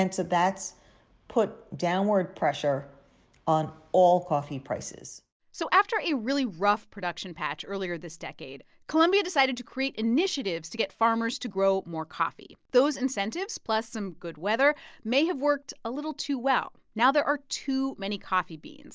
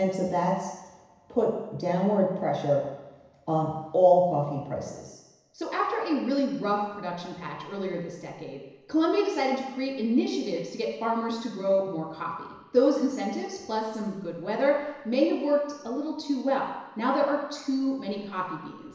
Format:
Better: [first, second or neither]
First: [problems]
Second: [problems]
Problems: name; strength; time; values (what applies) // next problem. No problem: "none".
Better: first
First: none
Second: room echo; dies away in 1 s